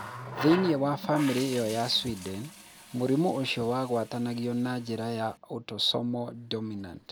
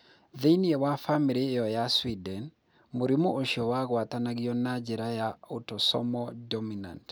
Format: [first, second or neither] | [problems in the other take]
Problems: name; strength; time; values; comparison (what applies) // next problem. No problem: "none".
second | background sound (Water tap, faucet); 13 dB below the speech